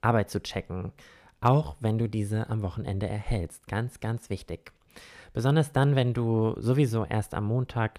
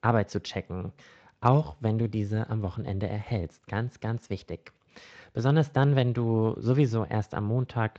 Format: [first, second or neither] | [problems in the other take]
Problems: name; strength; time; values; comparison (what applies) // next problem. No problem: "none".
first | garbled, watery; slightly